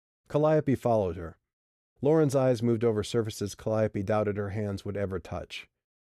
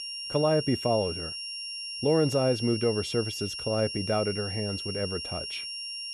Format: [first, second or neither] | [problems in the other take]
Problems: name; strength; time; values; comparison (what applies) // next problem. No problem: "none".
first | high-pitched whine; loud; throughout; 5.5 kHz, 5 dB below the speech